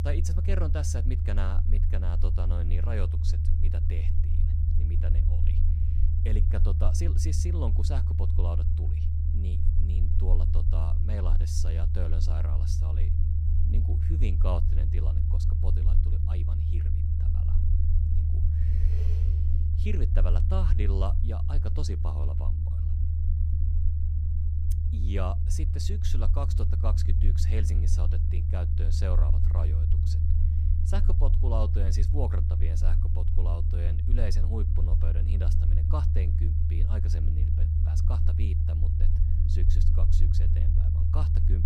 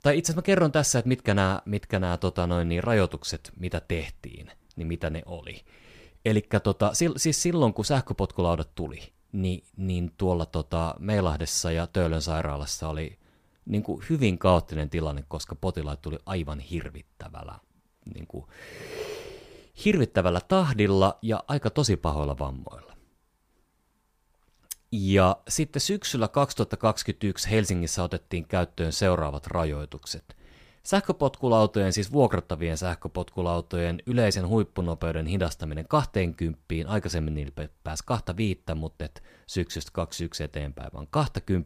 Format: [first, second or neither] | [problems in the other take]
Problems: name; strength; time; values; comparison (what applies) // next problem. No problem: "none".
second | low rumble; loud; throughout; 2 dB below the speech